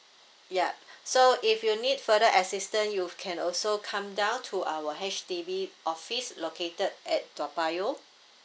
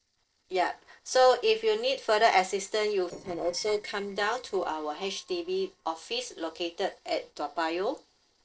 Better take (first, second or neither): first